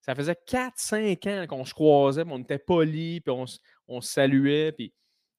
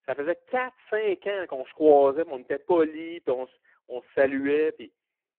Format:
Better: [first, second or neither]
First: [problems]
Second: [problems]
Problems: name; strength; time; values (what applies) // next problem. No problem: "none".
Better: first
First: none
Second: phone-call audio; poor line